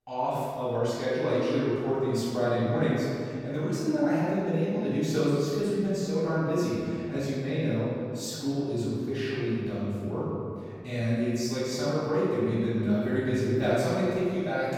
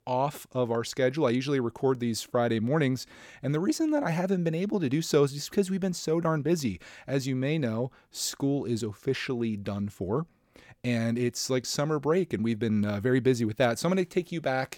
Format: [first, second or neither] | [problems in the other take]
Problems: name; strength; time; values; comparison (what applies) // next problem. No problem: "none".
second | room echo; strong; dies away in 2.3 s // off-mic speech; far